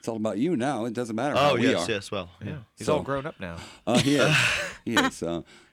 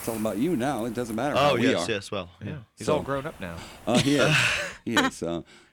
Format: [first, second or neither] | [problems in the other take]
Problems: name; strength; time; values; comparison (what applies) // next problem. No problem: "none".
first | hiss; faint; until 1.5 s and from 3 to 4.5 s; 20 dB below the speech